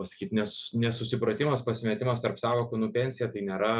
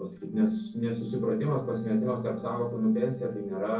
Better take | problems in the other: first | noise reduction (neural separator model SepFormer DNS4)

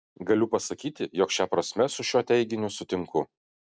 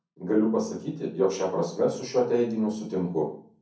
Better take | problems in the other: first | room echo; dies away in 0.6 s

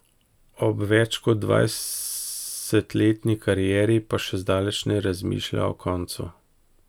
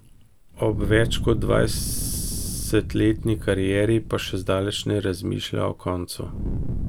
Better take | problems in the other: first | background sound (Fire); 6 dB below the speech

